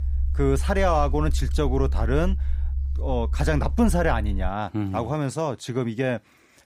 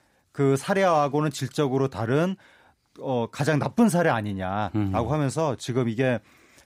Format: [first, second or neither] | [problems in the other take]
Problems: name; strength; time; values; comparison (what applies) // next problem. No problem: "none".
second | low rumble; faint; until 4.5 s; 20 dB below the speech